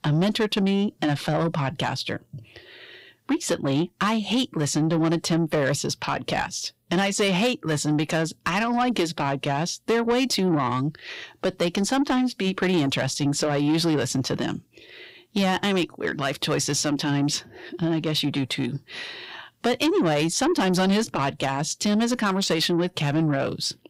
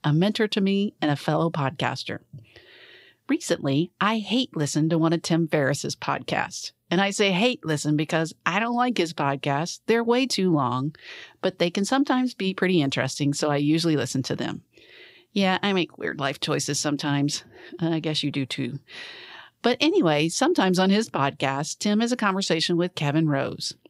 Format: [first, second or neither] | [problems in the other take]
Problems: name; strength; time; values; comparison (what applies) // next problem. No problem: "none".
second | distortion; slight; 10 dB below the speech